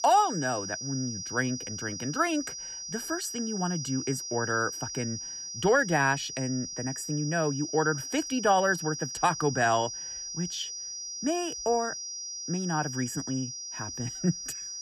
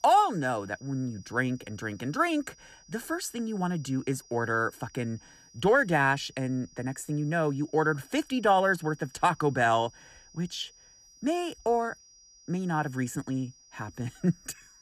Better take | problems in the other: second | high-pitched whine; loud; throughout; 5.5 kHz, 6 dB below the speech; faint in the second

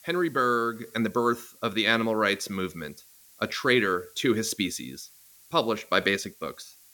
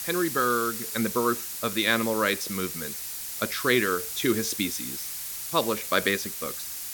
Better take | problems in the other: first | hiss; loud; throughout; 5 dB below the speech; faint in the first

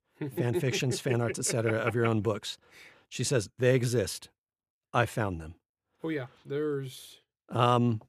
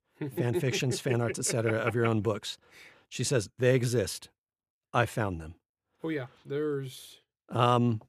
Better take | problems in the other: neither | none

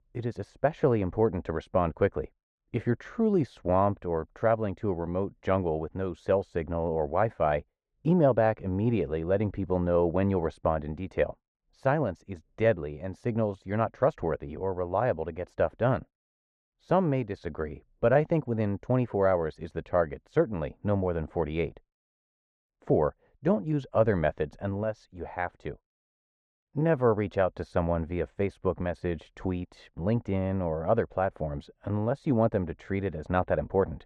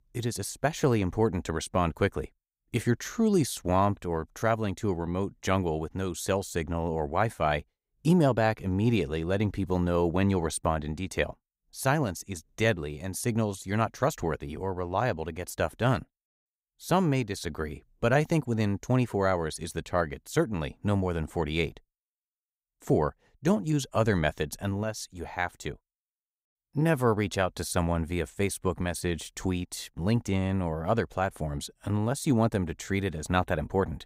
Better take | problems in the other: second | muffled; very; fading above 2 kHz

